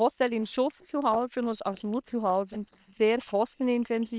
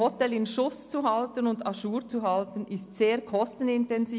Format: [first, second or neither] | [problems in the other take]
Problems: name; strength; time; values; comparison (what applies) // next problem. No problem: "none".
second | noise reduction (neural separator model SepFormer WHAM!)